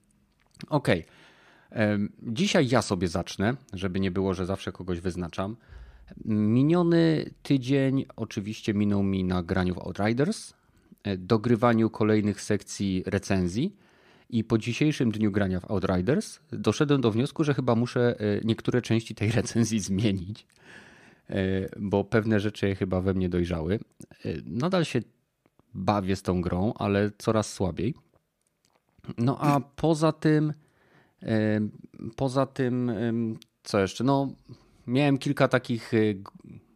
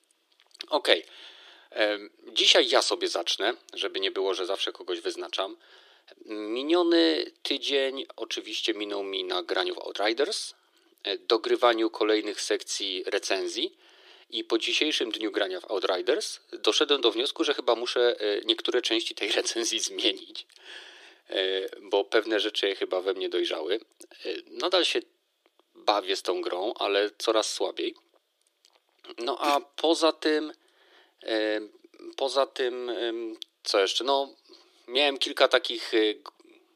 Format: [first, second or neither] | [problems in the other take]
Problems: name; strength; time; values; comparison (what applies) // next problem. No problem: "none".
first | thin; very; fading below 350 Hz